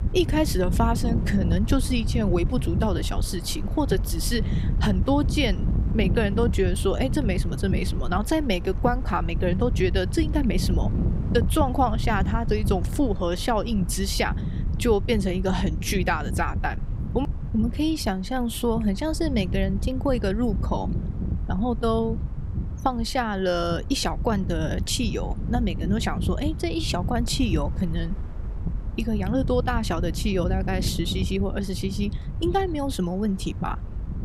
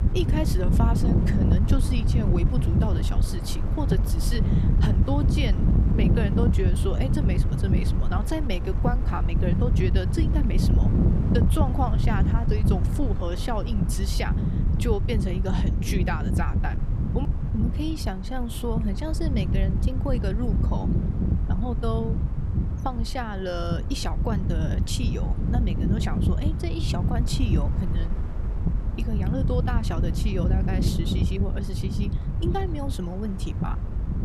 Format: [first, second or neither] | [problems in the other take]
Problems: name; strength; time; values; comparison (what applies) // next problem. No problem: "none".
first | wind noise on the microphone; heavy; 3 dB below the speech; occasional gusts in the first